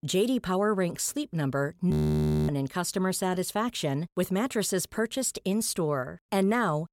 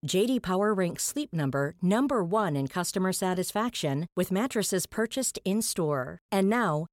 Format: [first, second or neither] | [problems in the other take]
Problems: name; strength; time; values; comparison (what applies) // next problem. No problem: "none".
second | audio freezing; at 2 s for 0.5 s